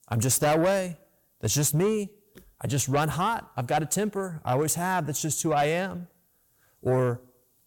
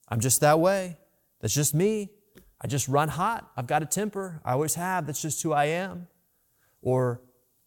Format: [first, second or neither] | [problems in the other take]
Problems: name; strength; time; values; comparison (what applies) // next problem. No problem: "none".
second | distortion; slight; 10 dB below the speech